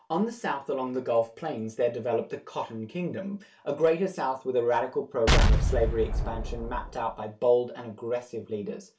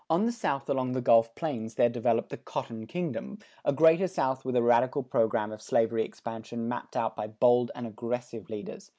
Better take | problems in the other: second | background sound (Explosion); 4 dB above the speech // room echo; dies away in 0.2 s

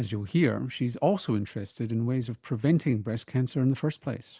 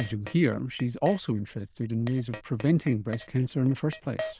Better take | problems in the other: first | noise reduction (neural diffusion model UNIVERSE++)

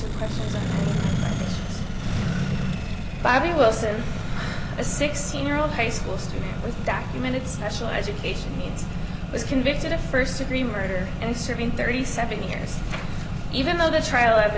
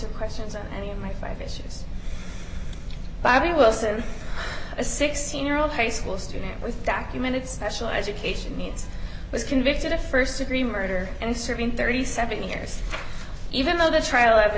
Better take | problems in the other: second | background sound (Accelerating, revving, vroom); 4 dB below the speech

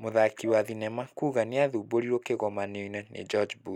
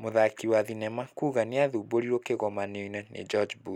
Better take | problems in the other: second | noise reduction (neural mask model DeepFilterNet 3)

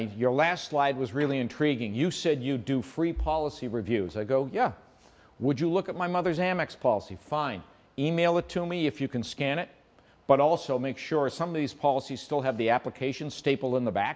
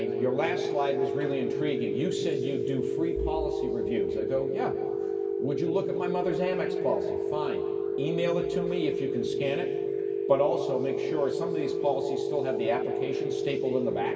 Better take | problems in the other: first | background sound (Telephone); 2 dB above the speech // room echo; dies away in 2.2 s

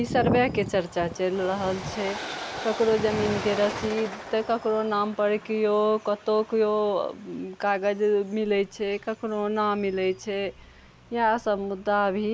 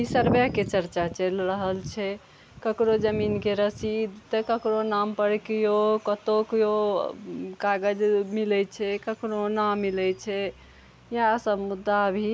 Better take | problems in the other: second | background sound (Train); 14 dB below the speech

